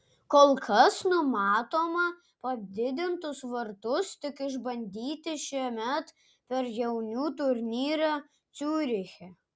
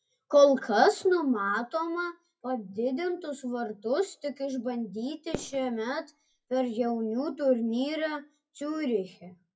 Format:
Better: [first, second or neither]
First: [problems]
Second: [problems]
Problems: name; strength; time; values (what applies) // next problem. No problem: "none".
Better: first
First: none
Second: noise reduction (classical method WPE with log-MMSE)